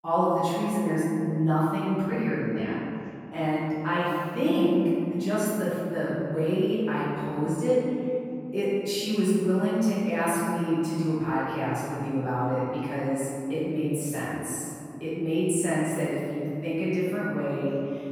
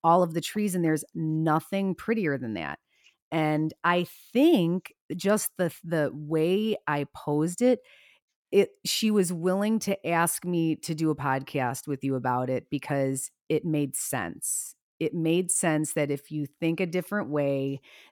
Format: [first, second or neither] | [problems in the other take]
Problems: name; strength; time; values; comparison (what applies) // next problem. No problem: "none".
second | off-mic speech; far // room echo; strong; dies away in 2.6 s